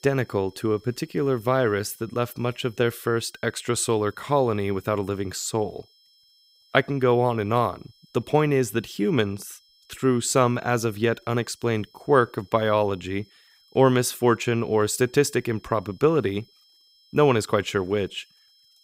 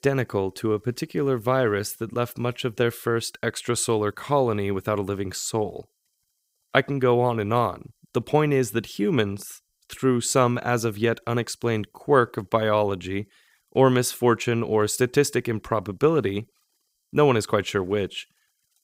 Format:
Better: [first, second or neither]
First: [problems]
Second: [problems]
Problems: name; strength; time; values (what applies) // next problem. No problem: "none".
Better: second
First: high-pitched whine; faint; throughout; 5.5 kHz, 30 dB below the speech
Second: none